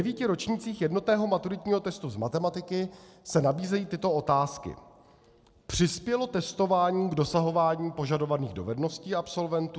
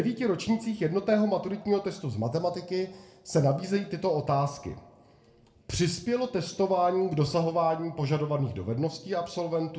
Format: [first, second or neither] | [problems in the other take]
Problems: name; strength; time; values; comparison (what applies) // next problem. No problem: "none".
first | room echo; dies away in 0.4 s